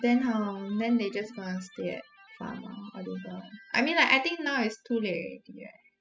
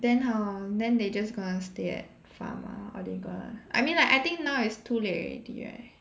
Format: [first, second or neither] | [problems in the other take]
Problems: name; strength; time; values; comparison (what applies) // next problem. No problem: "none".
second | noise reduction (classical method spectral subtraction)